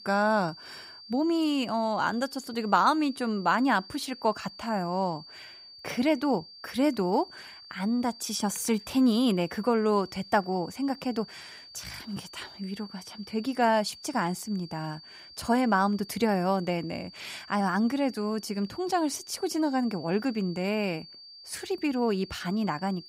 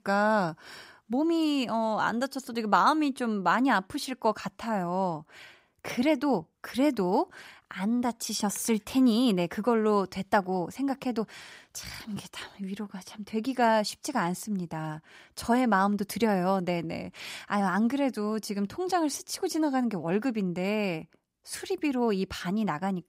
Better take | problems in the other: second | high-pitched whine; noticeable; throughout; 4.5 kHz, 20 dB below the speech

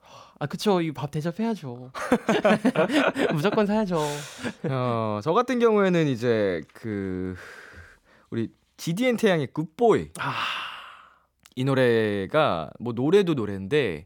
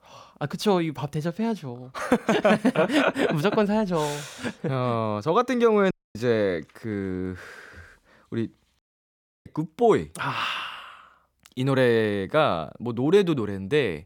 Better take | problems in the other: first | audio cutting out; at 6 s and at 9 s for 0.5 s

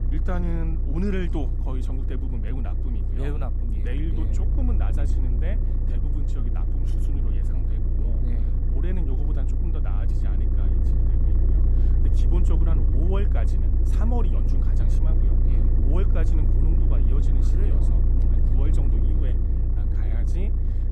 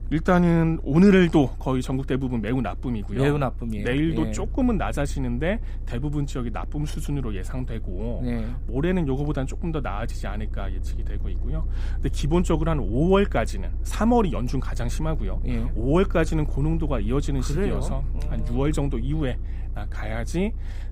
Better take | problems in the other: second | low rumble; loud; throughout; 1 dB below the speech; faint in the second

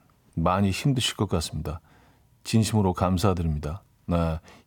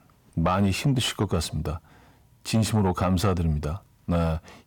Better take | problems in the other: first | distortion; slight; 10 dB below the speech

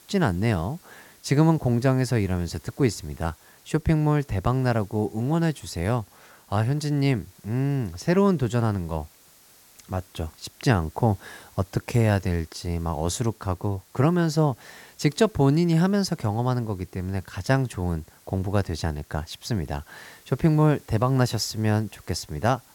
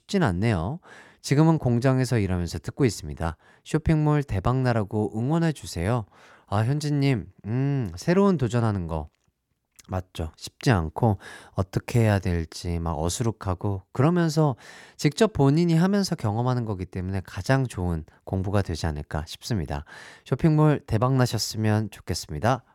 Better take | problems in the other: second | hiss; faint; throughout; 25 dB below the speech

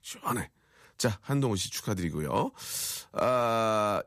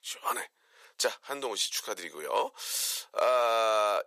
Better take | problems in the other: first | thin; very; fading below 500 Hz

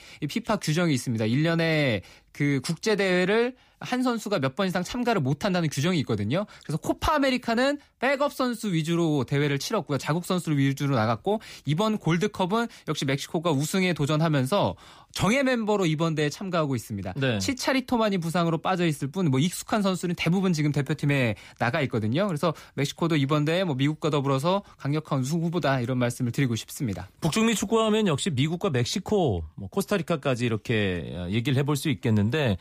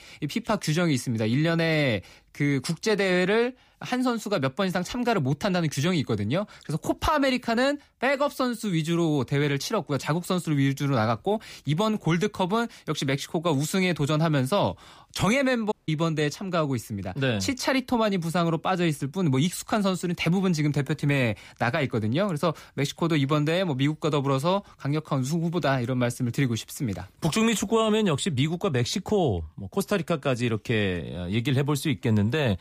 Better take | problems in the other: first | audio cutting out; at 16 s

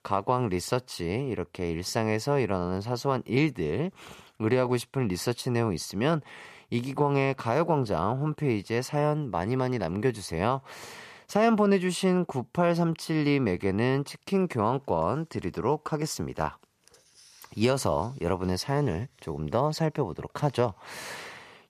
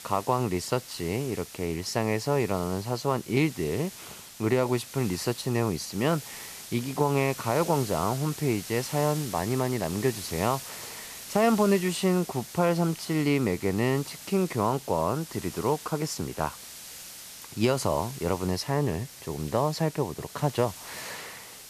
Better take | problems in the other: first | hiss; noticeable; throughout; 15 dB below the speech

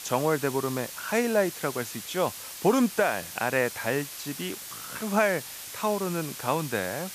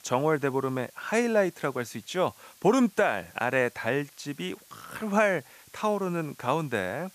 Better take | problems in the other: second | hiss; loud; throughout; 9 dB below the speech; faint in the second

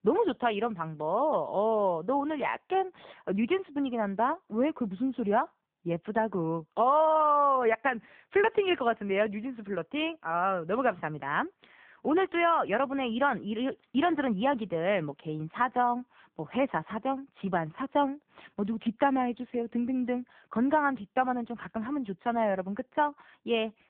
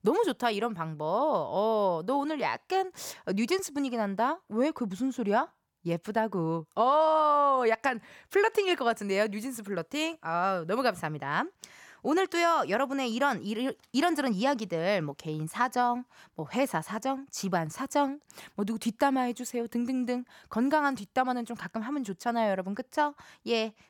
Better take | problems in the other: second | phone-call audio; poor line; nothing above 3 kHz

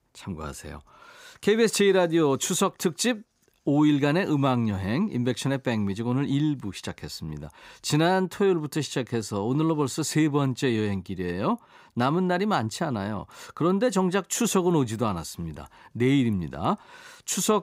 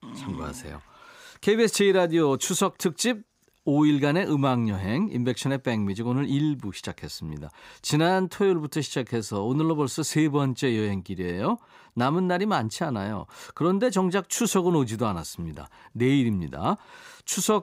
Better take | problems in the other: first | dog barking; faint; at the start; peak 15 dB below the speech

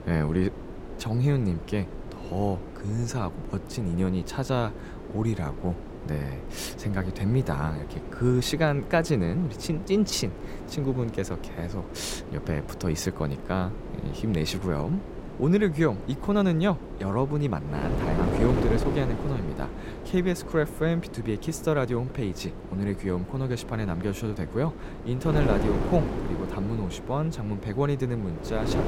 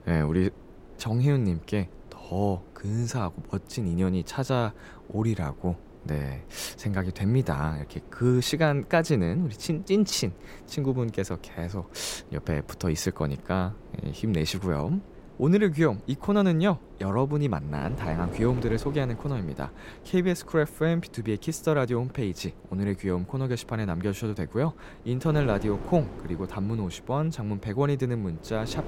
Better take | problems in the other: second | wind noise on the microphone; heavy; 7 dB below the speech; occasional gusts in the second

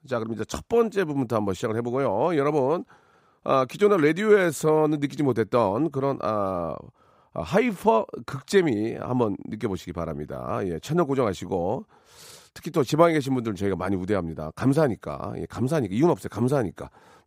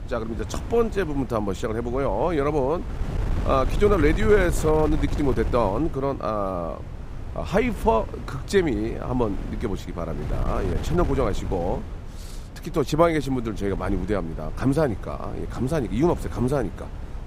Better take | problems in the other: first | wind noise on the microphone; occasional gusts; 15 dB below the speech

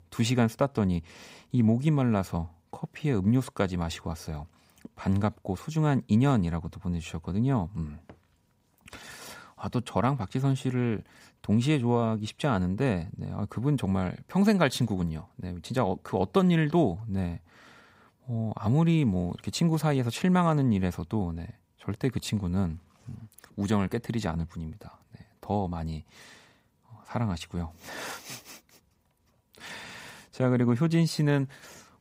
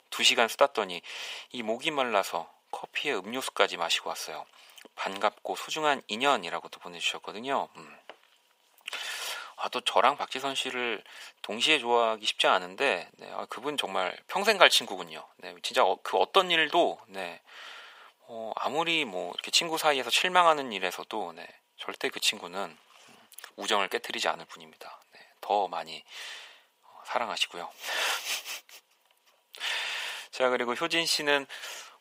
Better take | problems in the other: first | thin; very; fading below 550 Hz

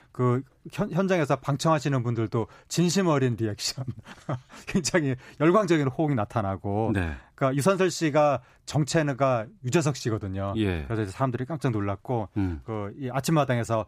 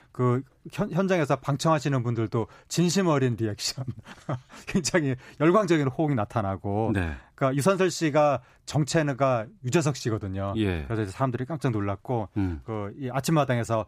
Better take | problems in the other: neither | none

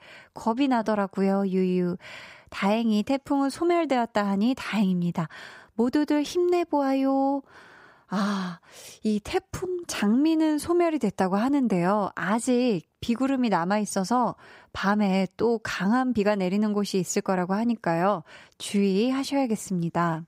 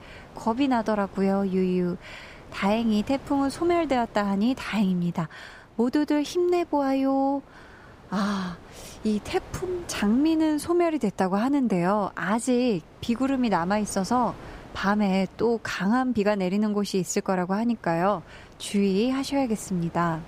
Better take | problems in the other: first | wind noise on the microphone; occasional gusts; 20 dB below the speech

